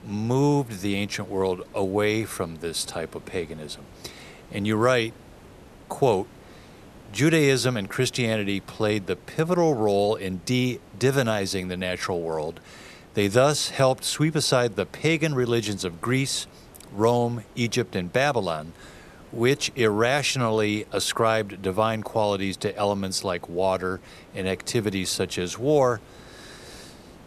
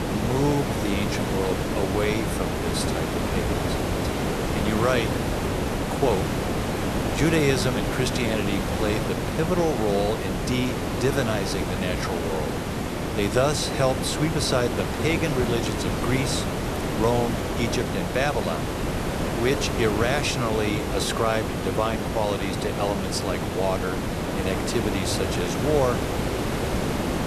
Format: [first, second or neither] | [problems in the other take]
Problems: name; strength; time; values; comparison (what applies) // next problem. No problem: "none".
first | hiss; loud; throughout; as loud as the speech; faint in the first